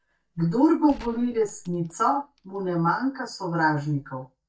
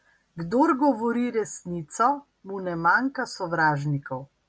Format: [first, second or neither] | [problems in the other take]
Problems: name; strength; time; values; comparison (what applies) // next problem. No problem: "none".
second | noise reduction (neural mask model DeepFilterNet 3)